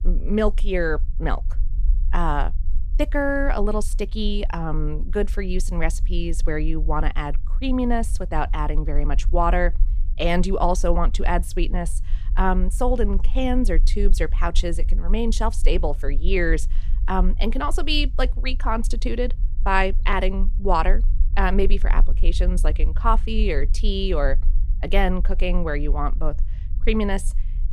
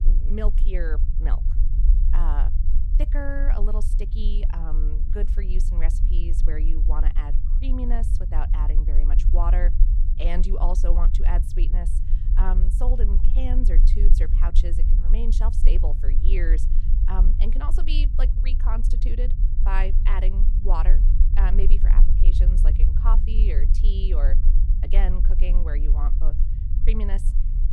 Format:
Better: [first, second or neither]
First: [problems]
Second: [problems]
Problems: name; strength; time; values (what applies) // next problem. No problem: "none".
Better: first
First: low rumble; faint; throughout; 25 dB below the speech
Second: low rumble; loud; throughout; 8 dB below the speech